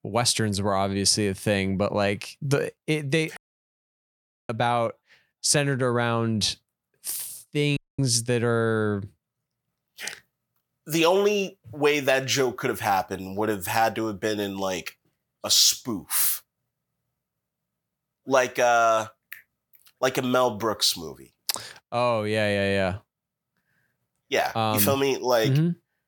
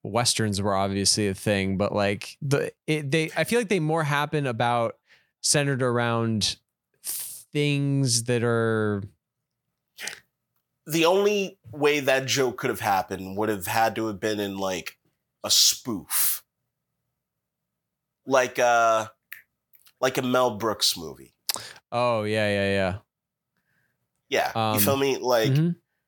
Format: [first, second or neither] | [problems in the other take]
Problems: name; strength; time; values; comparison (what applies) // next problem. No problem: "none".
second | audio cutting out; at 3.5 s for 1 s and at 8 s